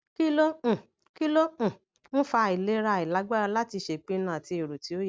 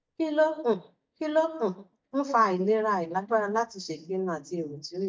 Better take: first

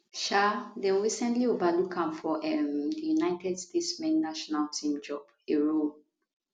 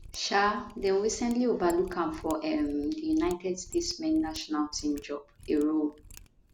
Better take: first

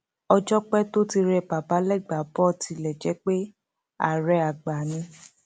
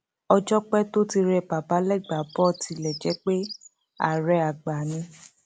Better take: first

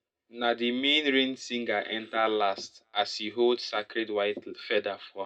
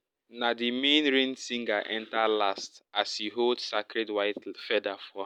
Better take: second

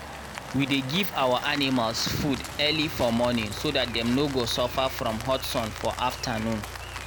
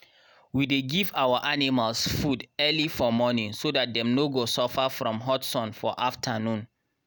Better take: second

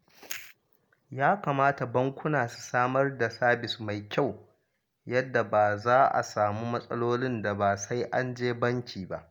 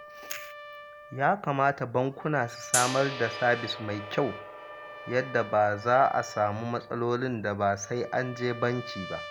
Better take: first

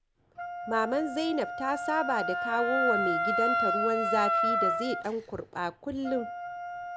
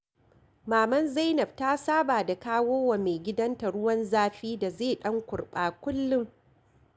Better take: second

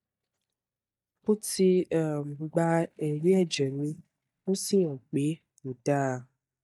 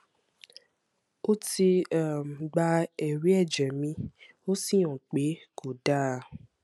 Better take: second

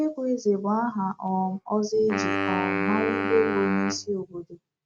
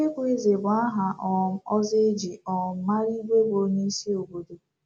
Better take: second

